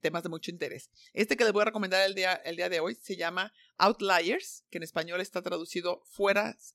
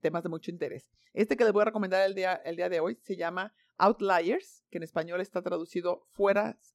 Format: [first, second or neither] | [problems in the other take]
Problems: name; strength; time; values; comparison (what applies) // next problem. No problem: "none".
first | muffled; slightly; fading above 2 kHz